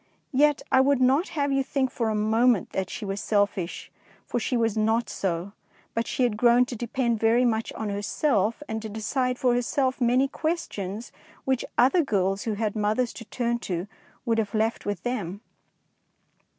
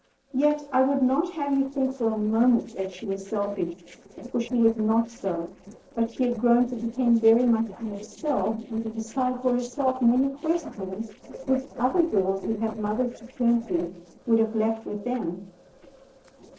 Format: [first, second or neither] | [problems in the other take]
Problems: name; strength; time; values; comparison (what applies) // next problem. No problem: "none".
first | noise reduction (neural separator model SepFormer DNS4)